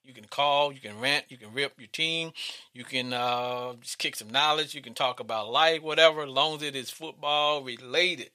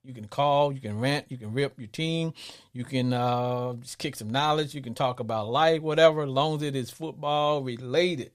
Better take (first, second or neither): second